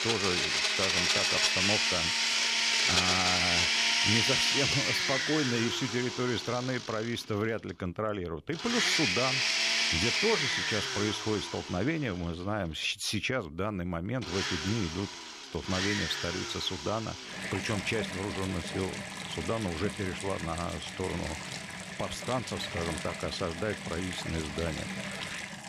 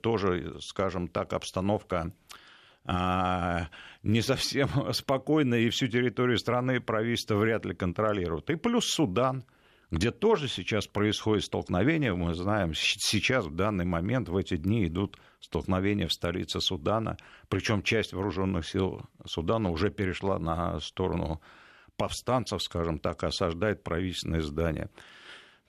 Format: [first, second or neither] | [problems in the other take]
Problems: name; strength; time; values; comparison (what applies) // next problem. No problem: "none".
second | household noises; very loud; throughout; 4 dB above the speech